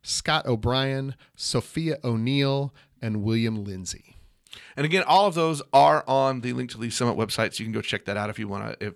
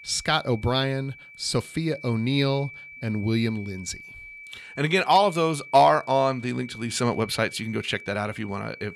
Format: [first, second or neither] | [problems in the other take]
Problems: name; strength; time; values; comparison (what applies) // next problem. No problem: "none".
first | high-pitched whine; noticeable; throughout; 2.5 kHz, 15 dB below the speech